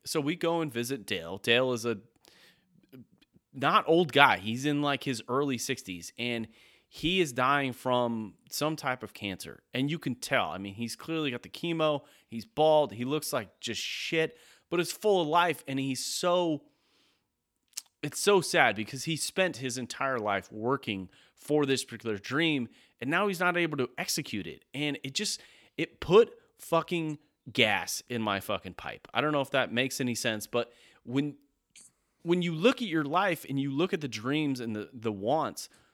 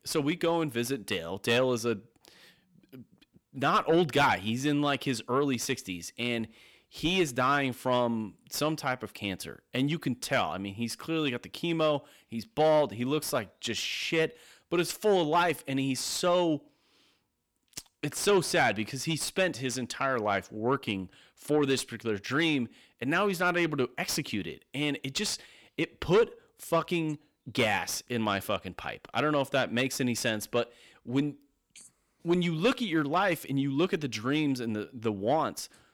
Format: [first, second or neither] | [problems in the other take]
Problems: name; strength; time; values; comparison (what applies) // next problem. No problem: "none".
first | distortion; slight; 10 dB below the speech